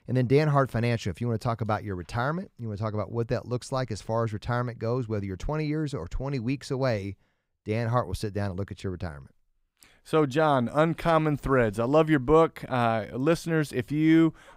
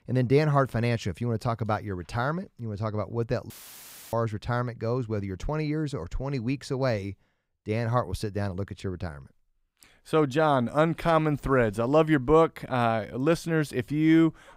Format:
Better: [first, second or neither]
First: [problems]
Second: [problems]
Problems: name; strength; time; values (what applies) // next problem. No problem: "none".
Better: first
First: none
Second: audio cutting out; filled with static; at 3.5 s for 0.5 s